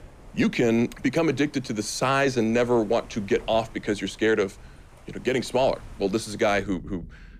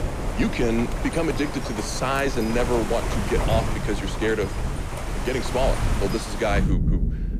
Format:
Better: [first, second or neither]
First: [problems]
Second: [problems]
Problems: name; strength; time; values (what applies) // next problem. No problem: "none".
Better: first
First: rain or running water; faint; throughout; 25 dB below the speech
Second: rain or running water; loud; throughout; 2 dB below the speech